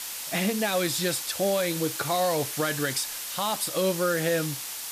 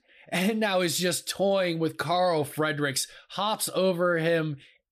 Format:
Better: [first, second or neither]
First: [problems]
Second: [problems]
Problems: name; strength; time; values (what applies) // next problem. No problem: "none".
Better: second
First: hiss; loud; throughout; 5 dB below the speech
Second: none